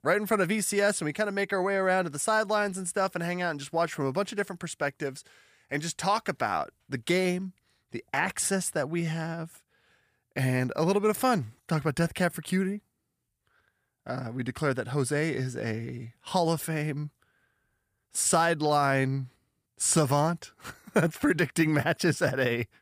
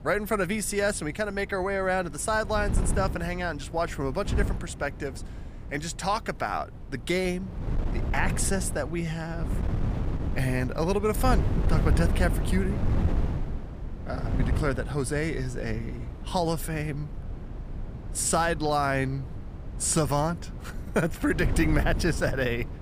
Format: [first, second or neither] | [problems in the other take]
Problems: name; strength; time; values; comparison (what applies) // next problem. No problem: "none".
first | wind noise on the microphone; occasional gusts; 15 dB below the speech